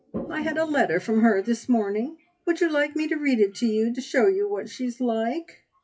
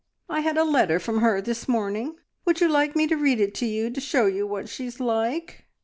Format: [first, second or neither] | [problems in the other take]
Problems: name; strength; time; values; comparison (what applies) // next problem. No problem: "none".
second | noise reduction (classical method WPE with log-MMSE)